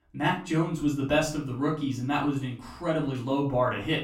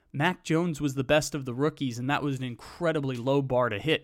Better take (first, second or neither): second